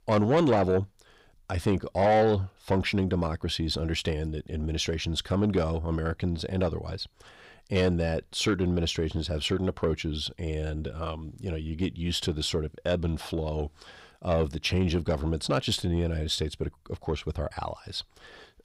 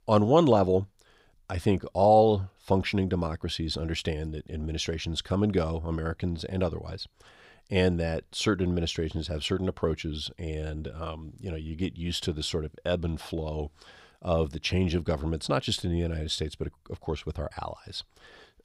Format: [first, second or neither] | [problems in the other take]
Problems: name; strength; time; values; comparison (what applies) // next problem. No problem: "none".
second | distortion; slight; 10 dB below the speech